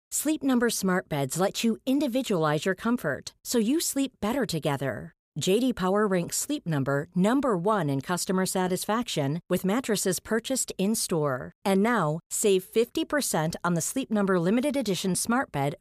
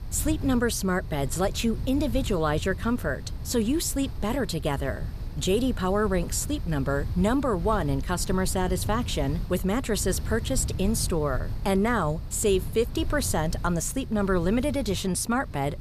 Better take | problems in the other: first | wind noise on the microphone; occasional gusts; 20 dB below the speech

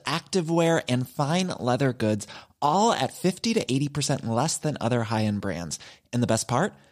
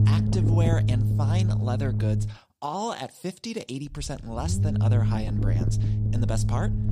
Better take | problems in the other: first | low rumble; loud; until 2.5 s and from 4 s on; 2 dB below the speech

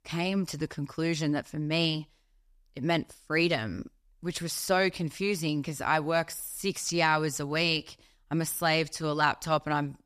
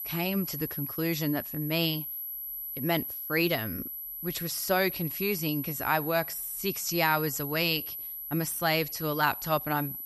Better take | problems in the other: first | high-pitched whine; loud; throughout; 12 kHz, 5 dB below the speech

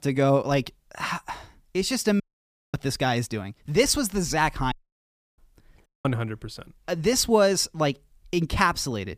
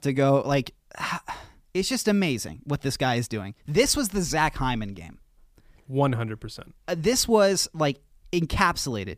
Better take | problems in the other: second | audio cutting out; at 2 s for 0.5 s, at 4.5 s for 0.5 s and at 6 s

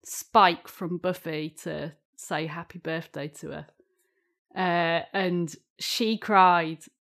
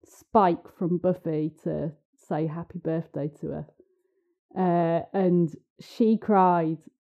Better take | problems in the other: first | muffled; very; fading above 1 kHz

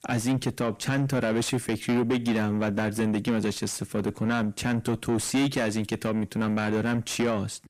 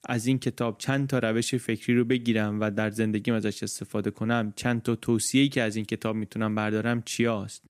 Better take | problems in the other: second | distortion; heavy; 7 dB below the speech

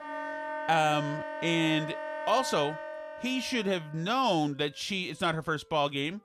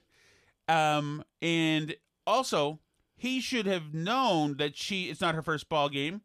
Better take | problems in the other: second | background music; loud; throughout; 8 dB below the speech

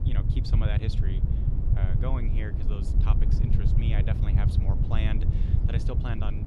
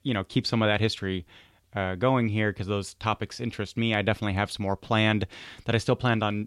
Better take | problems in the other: second | low rumble; loud; throughout; as loud as the speech

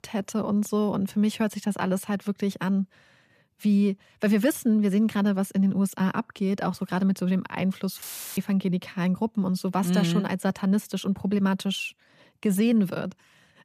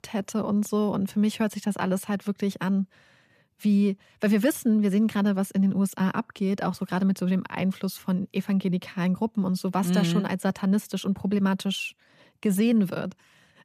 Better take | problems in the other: second | audio cutting out; filled with static; at 8 s

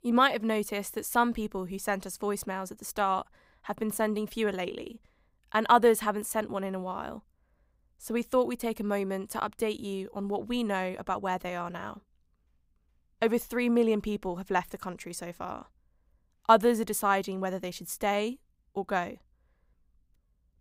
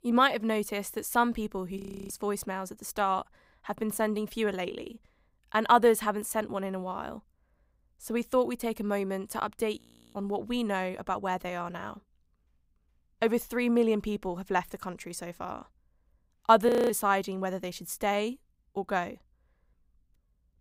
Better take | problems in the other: first | audio freezing; at 2 s, at 10 s and at 17 s

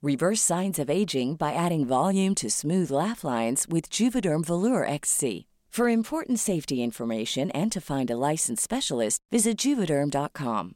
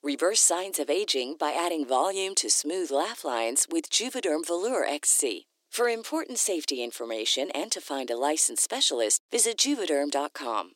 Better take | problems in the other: first | thin; somewhat; fading below 300 Hz

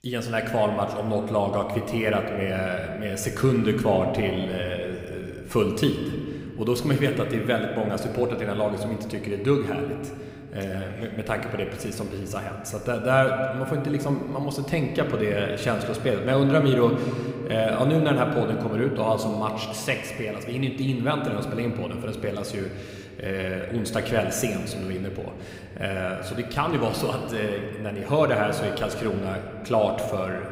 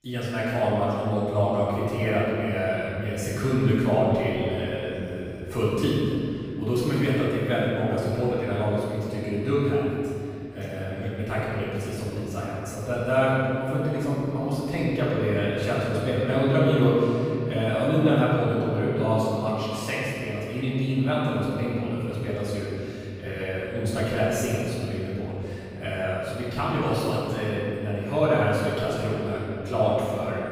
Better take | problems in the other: first | room echo; strong; dies away in 2.7 s; slight in the first // off-mic speech; far

